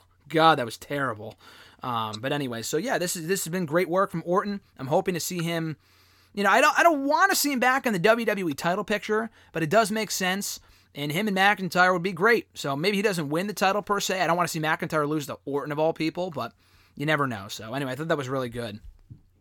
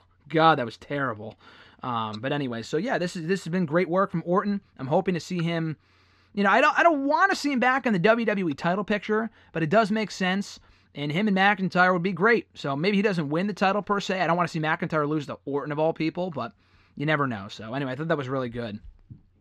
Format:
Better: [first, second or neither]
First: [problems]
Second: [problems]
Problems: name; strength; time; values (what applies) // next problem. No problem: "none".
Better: first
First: none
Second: muffled; very slightly; fading above 3.5 kHz